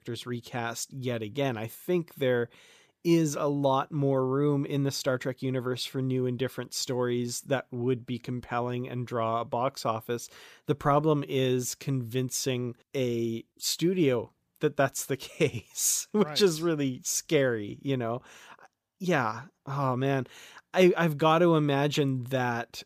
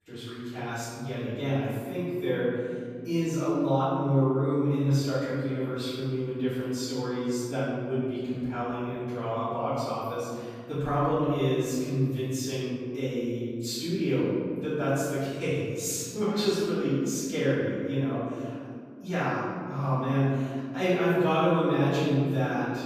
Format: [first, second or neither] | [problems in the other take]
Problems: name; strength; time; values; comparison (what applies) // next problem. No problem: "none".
first | room echo; strong; dies away in 2.4 s // off-mic speech; far